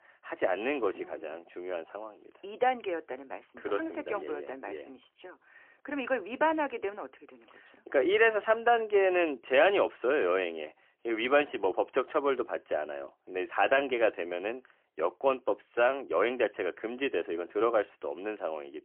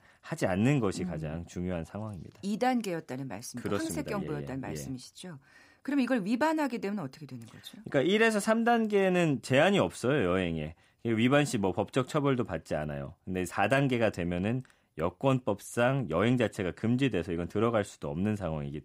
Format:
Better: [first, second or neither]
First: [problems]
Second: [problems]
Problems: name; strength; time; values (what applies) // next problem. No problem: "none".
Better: second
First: phone-call audio; poor line; nothing above 3 kHz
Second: none